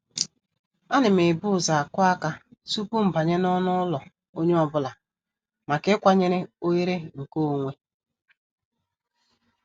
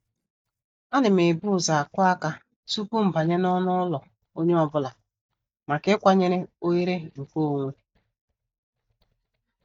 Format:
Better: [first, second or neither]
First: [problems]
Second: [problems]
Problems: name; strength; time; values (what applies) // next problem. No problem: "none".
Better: first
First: none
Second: noise reduction (neural mask model DeepFilterNet 3)